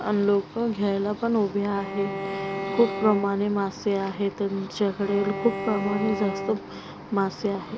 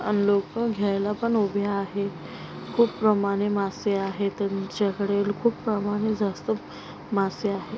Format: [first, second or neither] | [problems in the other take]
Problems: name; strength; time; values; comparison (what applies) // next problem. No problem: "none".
second | background sound (Bowed string instrument); 8 dB below the speech